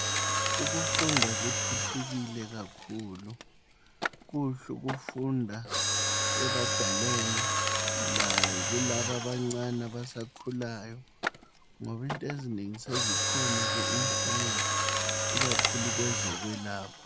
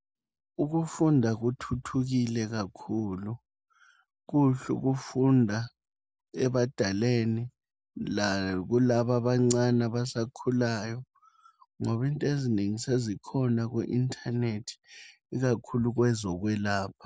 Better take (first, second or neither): second